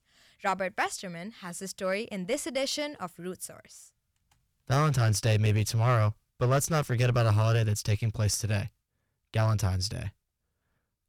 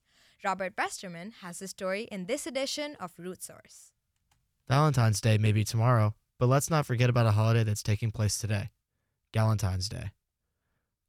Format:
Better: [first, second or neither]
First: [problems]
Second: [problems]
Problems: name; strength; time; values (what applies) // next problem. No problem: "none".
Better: second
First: distortion; slight; 5% of the sound clipped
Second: none